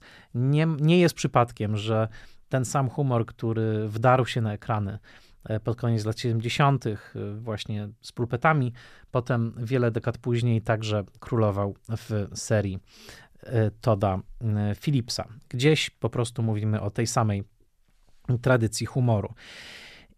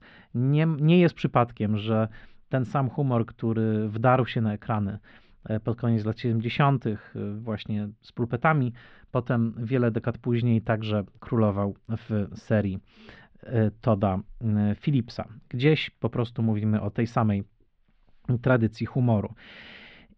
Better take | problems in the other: first | muffled; slightly; fading above 3.5 kHz

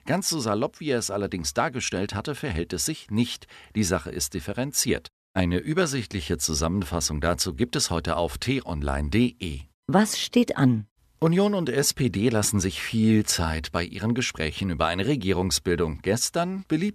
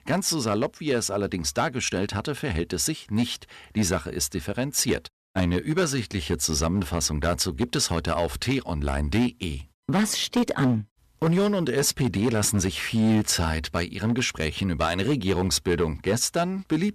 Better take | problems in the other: first | distortion; slight; 6% of the sound clipped

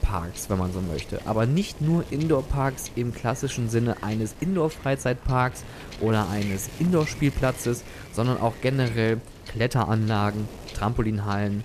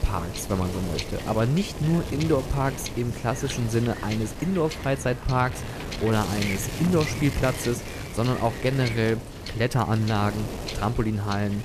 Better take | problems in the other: first | wind noise on the microphone; heavy; 7 dB below the speech; occasional gusts in the first

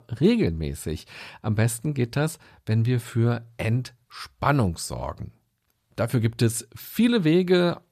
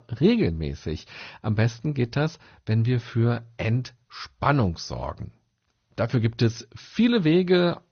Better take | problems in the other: first | garbled, watery; slightly; nothing above 6.5 kHz

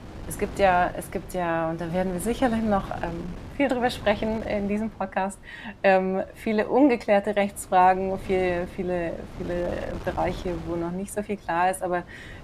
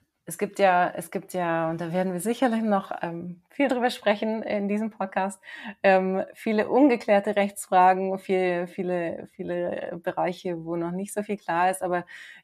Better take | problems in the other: second | wind noise on the microphone; occasional gusts; 20 dB below the speech

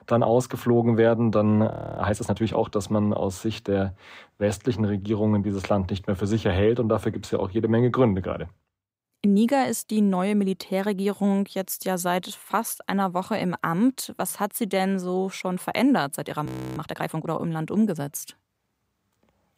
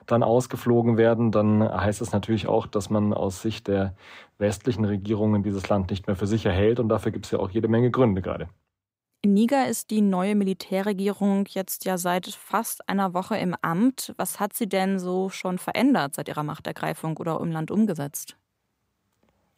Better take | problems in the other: second | audio freezing; at 1.5 s and at 16 s

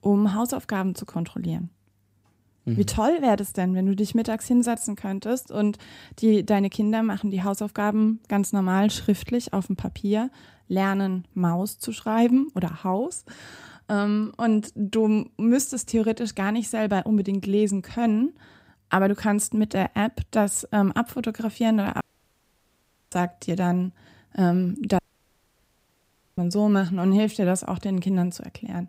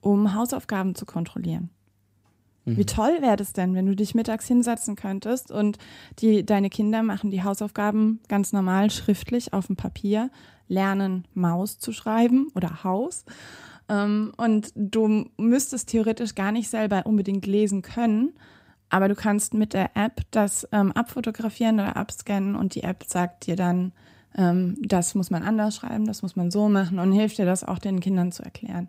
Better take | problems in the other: second | audio cutting out; at 22 s for 1 s and at 25 s for 1.5 s

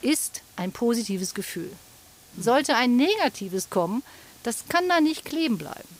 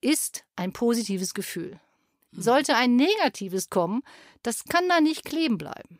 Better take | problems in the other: second | hiss; faint; throughout; 25 dB below the speech

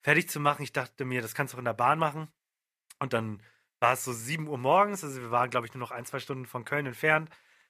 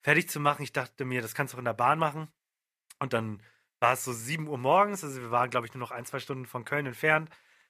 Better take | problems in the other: neither | thin; somewhat; fading below 700 Hz; the same in both

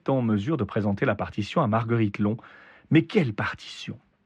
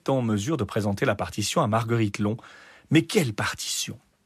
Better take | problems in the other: second | muffled; slightly; fading above 2.5 kHz

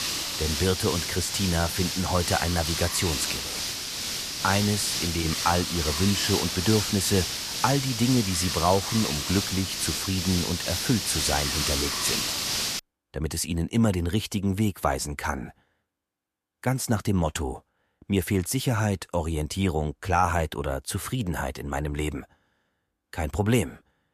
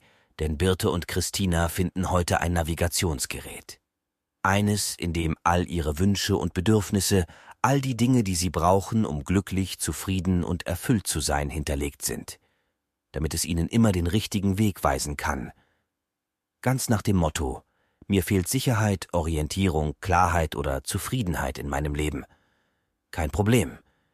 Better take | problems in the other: second | hiss; loud; until 13 s; 1 dB below the speech

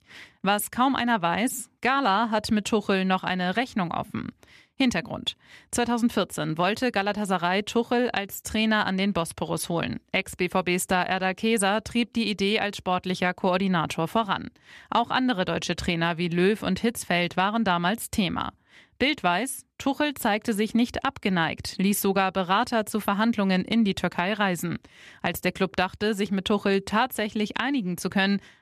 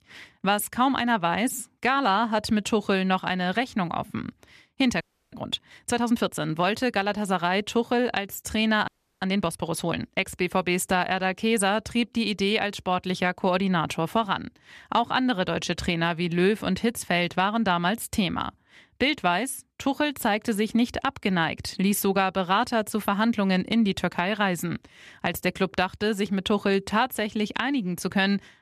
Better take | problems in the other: first | audio freezing; at 5 s and at 9 s

